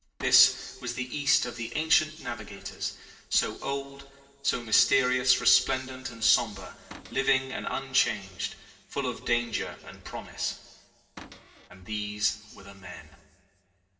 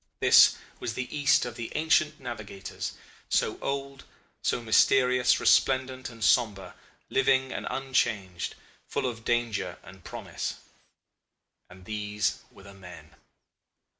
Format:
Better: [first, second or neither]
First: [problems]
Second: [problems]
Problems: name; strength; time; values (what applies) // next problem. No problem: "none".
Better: second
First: background sound (Cupboard open or close / Door); 16 dB below the speech // room echo; dies away in 2.7 s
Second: none